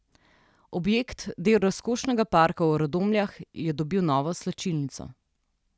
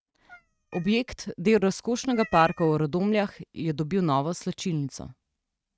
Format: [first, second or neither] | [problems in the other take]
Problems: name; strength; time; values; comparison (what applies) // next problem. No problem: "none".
first | noise reduction (neural mask model RNNoise)